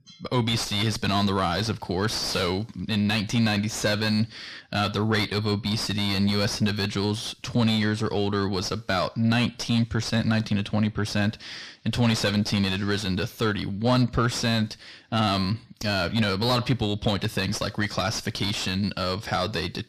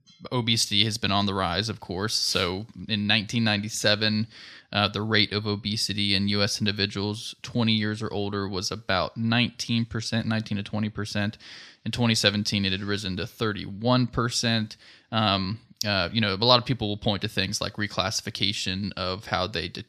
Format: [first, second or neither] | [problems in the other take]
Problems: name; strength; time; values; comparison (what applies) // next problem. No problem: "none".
second | distortion; heavy; 6 dB below the speech